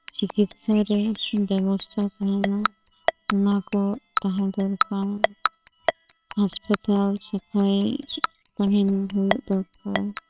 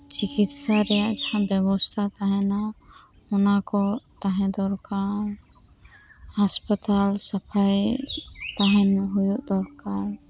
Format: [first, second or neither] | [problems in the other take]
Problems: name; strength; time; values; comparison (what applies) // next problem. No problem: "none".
second | noise reduction (neural separator model SepFormer WHAMR!)